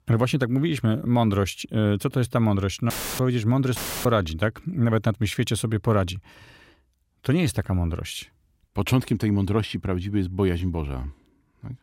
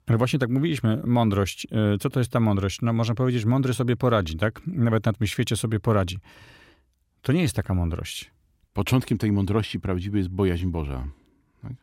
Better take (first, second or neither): second